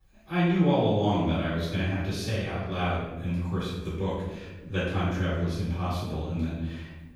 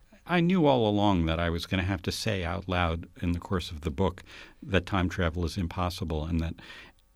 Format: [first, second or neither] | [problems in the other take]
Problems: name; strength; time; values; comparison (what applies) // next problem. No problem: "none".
second | off-mic speech; far // room echo; strong; dies away in 0.9 s